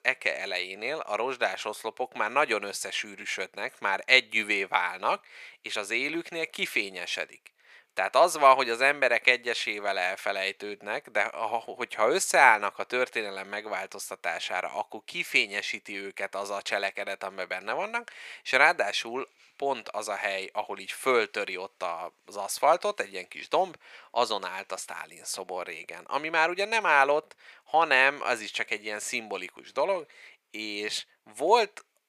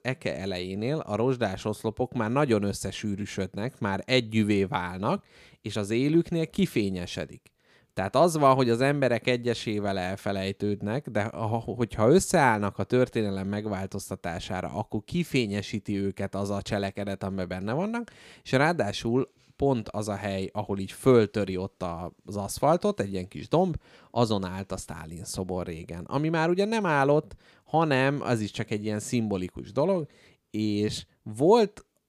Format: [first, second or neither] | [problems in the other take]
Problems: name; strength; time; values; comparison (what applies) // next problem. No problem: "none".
second | thin; very; fading below 750 Hz